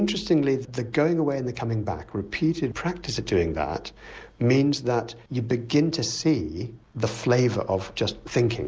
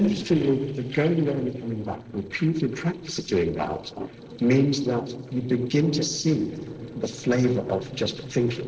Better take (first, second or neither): first